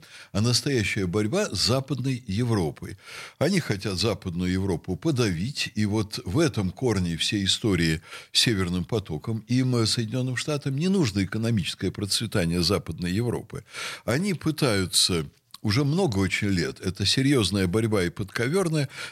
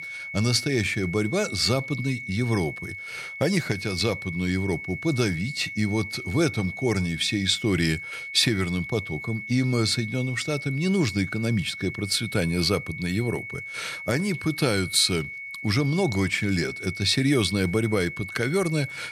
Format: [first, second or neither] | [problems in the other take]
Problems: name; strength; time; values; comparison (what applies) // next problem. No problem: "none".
first | high-pitched whine; loud; throughout; 2 kHz, 9 dB below the speech